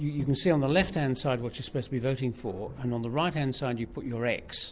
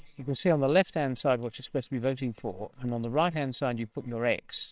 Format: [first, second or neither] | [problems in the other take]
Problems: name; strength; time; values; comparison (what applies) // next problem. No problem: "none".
first | noise reduction (neural separator model SepFormer WHAMR!)